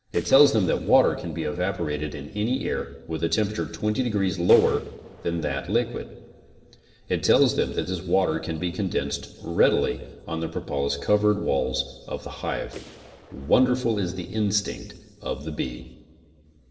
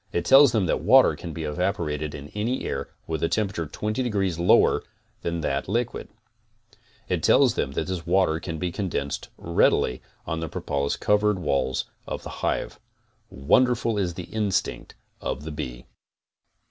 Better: second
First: noise reduction (neural separator model SepFormer DNS4)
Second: none

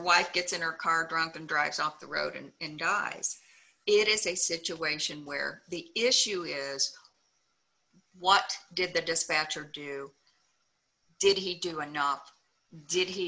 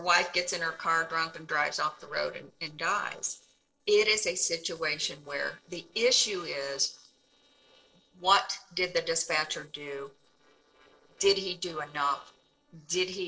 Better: first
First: none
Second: noise reduction (neural separator model SepFormer DNS4)

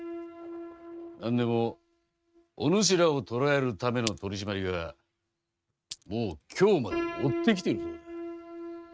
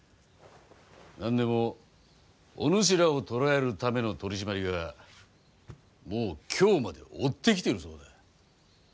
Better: second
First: noise reduction (neural mask model RNNoise)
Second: none

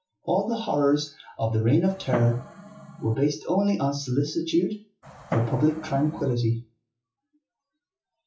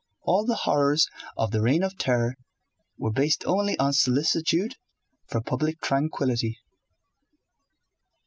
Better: second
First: noise reduction (classical method WPE with log-MMSE)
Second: none

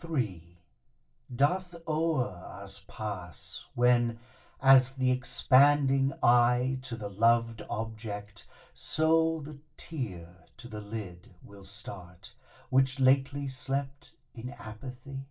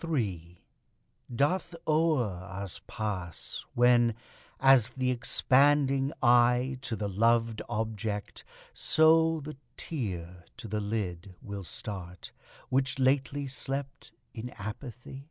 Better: second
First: room echo; dies away in 0.2 s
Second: none

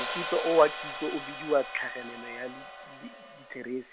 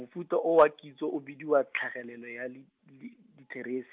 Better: second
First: background sound (Hi-hat); 9 dB below the speech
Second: none

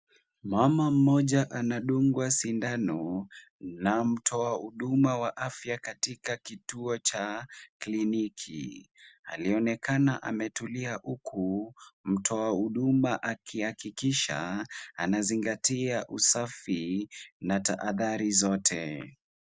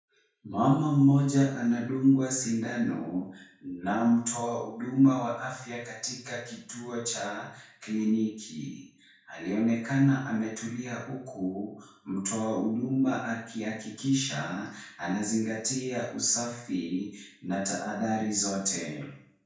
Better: first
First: none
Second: room echo; dies away in 0.5 s

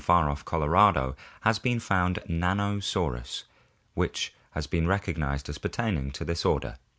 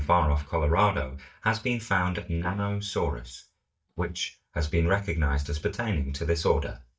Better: first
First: none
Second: noise reduction (neural mask model DeepFilterNet 3)

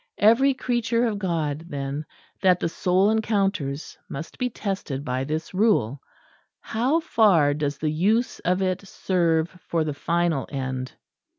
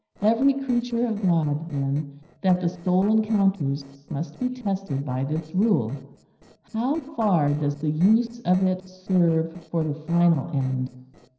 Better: first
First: none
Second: noise reduction (neural separator model SepFormer DNS4)

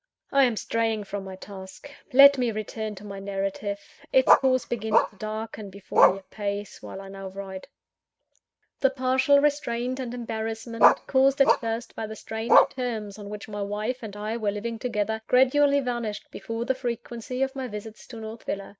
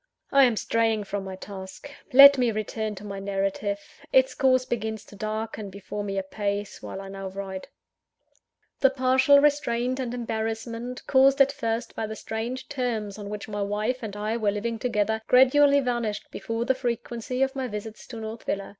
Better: second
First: noise reduction (neural mask model RNNoise)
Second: none

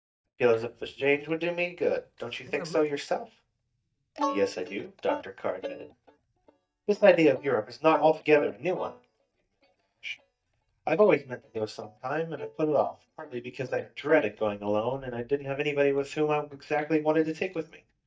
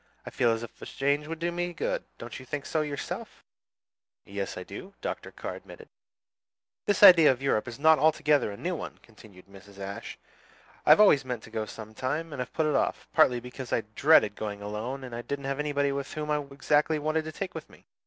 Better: second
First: noise reduction (neural mask model DeepFilterNet 3)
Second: none

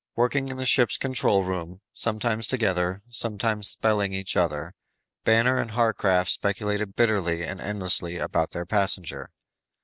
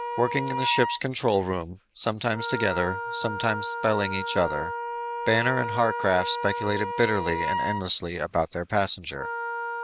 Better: first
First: none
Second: background sound (Wind instrument, woodwind instrument); 5 dB below the speech

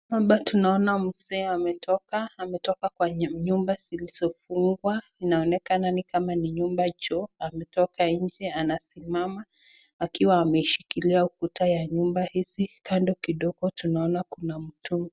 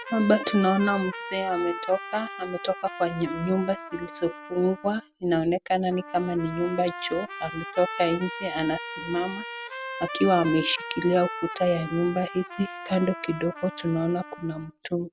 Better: first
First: none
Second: background sound (Trumpet); 11 dB below the speech

